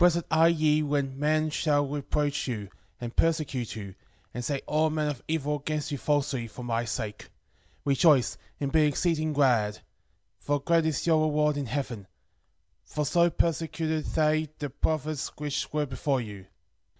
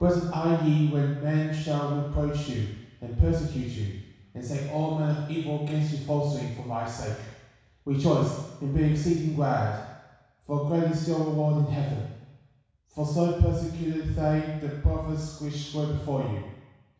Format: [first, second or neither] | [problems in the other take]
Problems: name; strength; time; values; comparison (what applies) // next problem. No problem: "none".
first | room echo; dies away in 1.1 s